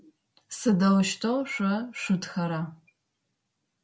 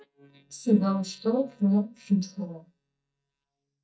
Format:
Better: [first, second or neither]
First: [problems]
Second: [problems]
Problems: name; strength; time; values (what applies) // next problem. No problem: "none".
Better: first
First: none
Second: noise reduction (neural mask model DeepFilterNet 3)